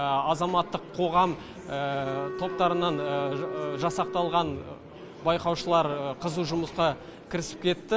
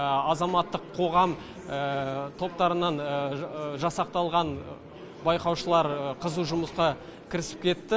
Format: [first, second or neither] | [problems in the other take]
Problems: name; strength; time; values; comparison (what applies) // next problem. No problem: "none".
second | background sound (Wind instrument, woodwind instrument); 9 dB below the speech